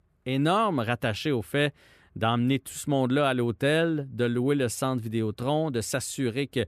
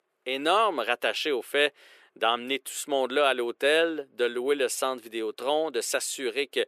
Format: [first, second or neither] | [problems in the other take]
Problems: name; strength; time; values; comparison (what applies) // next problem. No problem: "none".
first | thin; very; fading below 400 Hz